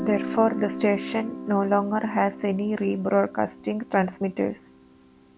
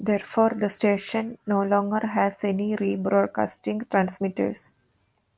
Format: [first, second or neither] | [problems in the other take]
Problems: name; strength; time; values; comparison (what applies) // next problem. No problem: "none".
second | background sound (Guitar); 11 dB below the speech